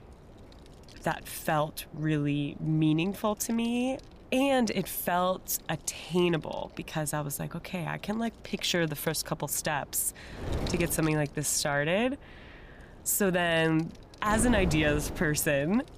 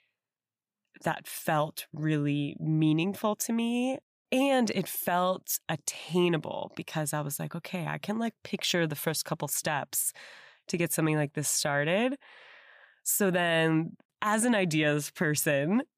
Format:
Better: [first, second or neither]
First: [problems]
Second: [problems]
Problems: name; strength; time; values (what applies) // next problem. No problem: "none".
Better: second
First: wind noise on the microphone; occasional gusts; 15 dB below the speech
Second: none